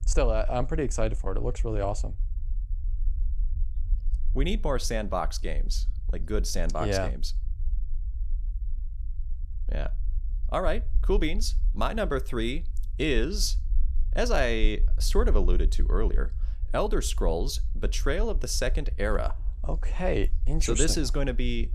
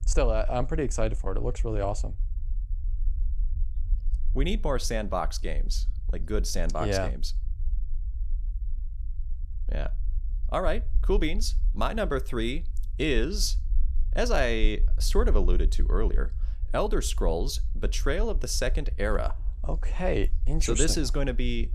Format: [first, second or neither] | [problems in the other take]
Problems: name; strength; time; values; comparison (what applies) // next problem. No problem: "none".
neither | low rumble; faint; throughout; 25 dB below the speech; the same in both